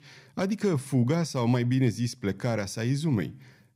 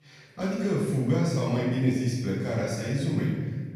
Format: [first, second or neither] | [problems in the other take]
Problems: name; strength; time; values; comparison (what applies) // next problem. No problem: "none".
first | off-mic speech; far // room echo; strong; dies away in 1.4 s